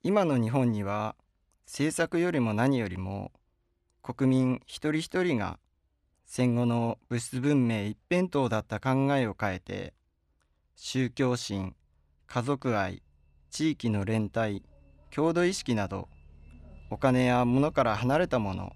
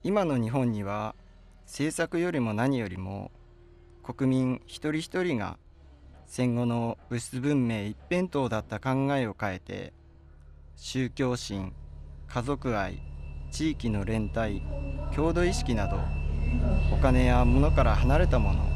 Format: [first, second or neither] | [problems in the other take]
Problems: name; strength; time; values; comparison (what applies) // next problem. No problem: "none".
first | traffic noise; loud; throughout; 1 dB below the speech; faint in the first